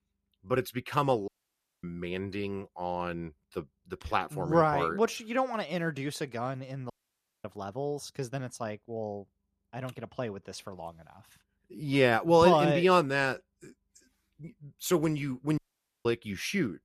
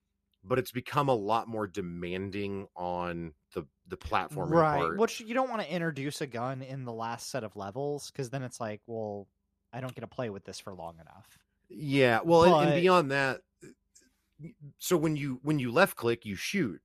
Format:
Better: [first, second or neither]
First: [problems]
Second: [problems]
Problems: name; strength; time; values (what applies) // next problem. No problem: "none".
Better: second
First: audio cutting out; at 1.5 s for 0.5 s, at 7 s for 0.5 s and at 16 s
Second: none